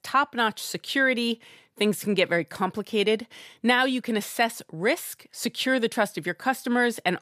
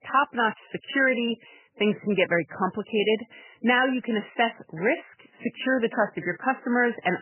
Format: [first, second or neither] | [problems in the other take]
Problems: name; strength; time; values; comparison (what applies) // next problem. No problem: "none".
first | garbled, watery; badly; nothing above 3 kHz